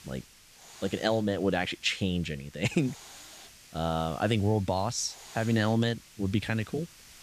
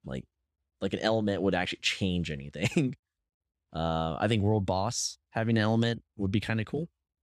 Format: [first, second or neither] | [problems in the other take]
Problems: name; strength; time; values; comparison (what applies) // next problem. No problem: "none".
second | hiss; noticeable; throughout; 20 dB below the speech